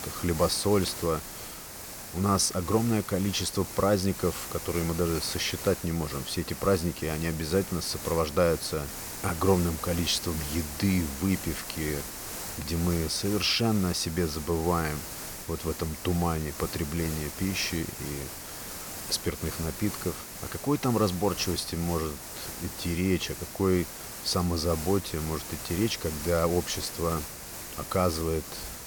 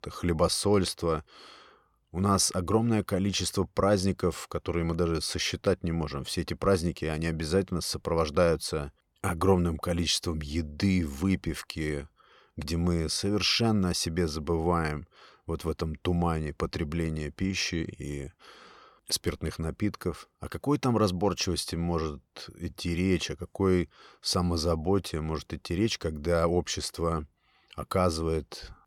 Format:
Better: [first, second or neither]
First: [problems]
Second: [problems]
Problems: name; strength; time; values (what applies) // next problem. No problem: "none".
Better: second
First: hiss; loud; throughout; 8 dB below the speech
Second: none